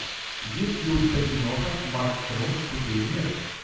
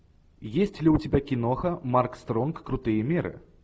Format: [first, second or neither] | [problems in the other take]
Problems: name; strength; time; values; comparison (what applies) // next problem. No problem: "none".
second | background sound (Hiss); 7 dB below the speech // room echo; dies away in 0.7 s